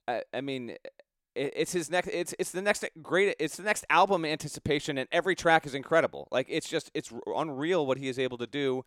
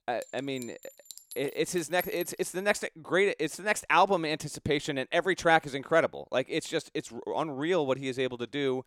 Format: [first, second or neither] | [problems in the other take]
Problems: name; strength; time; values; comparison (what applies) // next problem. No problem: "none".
first | clattering dishes; faint; until 2.5 s; peak 10 dB below the speech